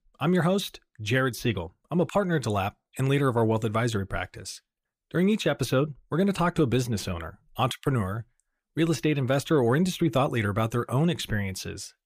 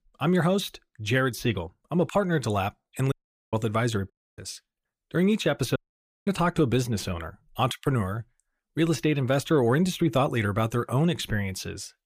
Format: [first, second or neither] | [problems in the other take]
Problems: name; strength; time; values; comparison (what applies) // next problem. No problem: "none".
first | audio cutting out; at 3 s, at 4 s and at 6 s for 0.5 s